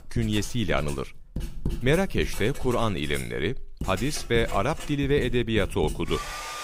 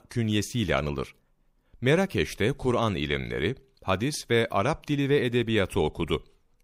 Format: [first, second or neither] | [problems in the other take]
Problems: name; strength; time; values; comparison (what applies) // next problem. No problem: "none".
second | household noises; loud; throughout; 10 dB below the speech